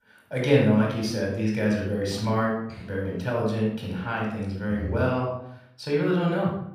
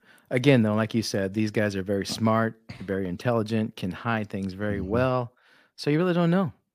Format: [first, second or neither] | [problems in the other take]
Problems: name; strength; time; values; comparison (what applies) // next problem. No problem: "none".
second | off-mic speech; far // room echo; noticeable; dies away in 0.6 s